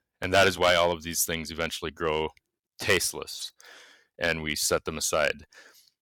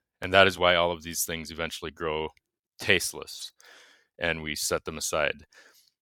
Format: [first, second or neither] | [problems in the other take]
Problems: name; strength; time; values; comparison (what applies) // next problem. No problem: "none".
second | distortion; heavy; 1.5% of the sound clipped